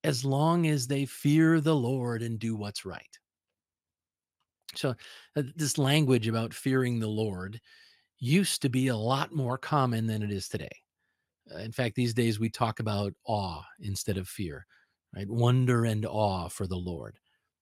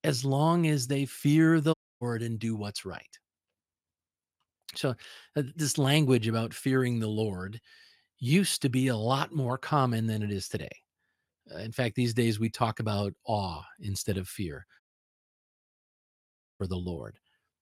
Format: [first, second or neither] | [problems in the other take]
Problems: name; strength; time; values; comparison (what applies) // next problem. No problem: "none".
first | audio cutting out; at 1.5 s and at 15 s for 2 s